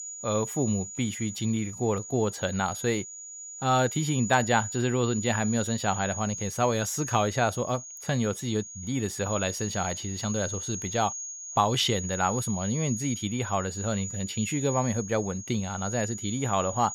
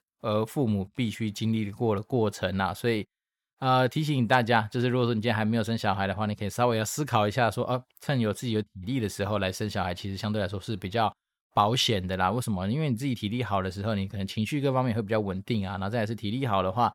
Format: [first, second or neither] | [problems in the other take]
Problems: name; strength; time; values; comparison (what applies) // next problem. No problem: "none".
second | high-pitched whine; loud; throughout; 7 kHz, 7 dB below the speech